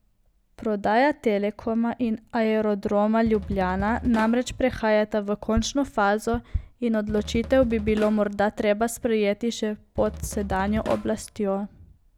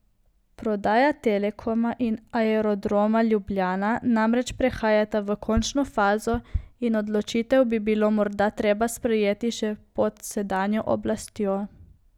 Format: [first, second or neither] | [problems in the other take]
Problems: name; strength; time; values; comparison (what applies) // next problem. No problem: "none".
second | background sound (Drum kit); 13 dB below the speech